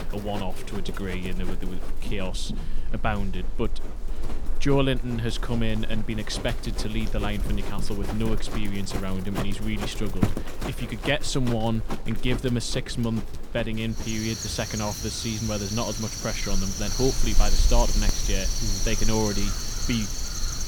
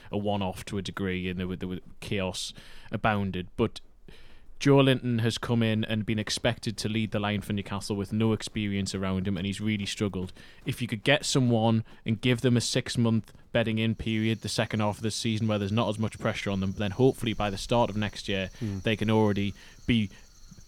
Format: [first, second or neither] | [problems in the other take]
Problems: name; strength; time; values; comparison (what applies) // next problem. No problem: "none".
second | animal sounds; loud; throughout; 2 dB below the speech; faint in the second